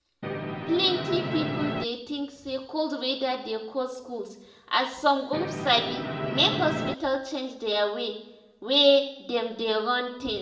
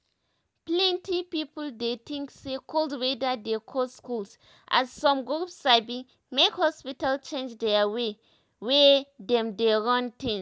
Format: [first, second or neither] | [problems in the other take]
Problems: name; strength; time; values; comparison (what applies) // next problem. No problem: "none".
second | background sound (Musical instrument); 3 dB below the speech // room echo; dies away in 0.7 s